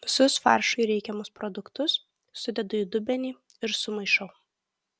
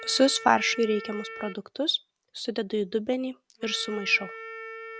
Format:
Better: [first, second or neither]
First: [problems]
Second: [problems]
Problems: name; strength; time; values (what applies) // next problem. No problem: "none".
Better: first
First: none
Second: background sound (Wind instrument, woodwind instrument); 14 dB below the speech